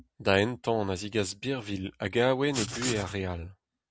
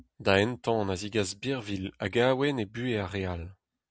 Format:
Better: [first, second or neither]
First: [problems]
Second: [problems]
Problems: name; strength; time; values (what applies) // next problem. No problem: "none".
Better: second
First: background sound (Writing); 6 dB below the speech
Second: none